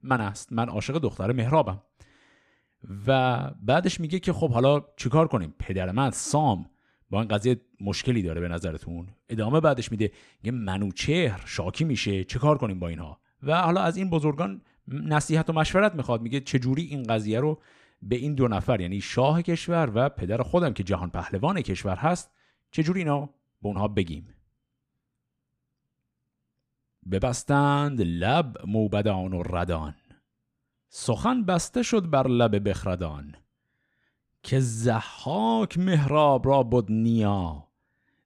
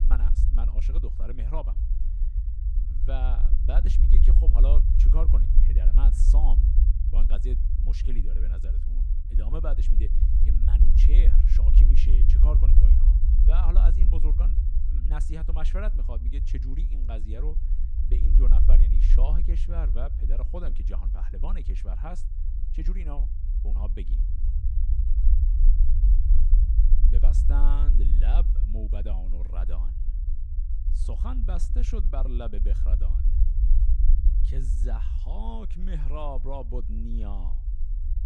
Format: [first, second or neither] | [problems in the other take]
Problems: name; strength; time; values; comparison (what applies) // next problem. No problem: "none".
first | low rumble; loud; throughout; 4 dB below the speech